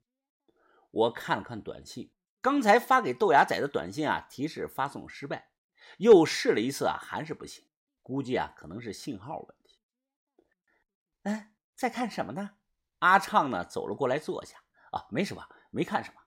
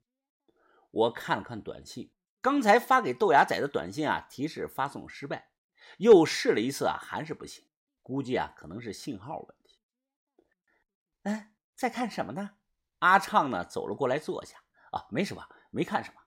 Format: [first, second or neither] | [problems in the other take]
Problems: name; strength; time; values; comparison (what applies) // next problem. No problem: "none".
neither | none